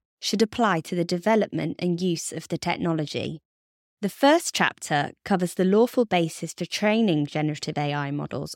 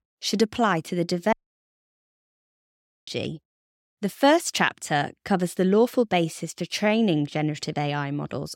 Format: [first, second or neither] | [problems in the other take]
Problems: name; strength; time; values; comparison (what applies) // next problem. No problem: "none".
first | audio cutting out; at 1.5 s for 1.5 s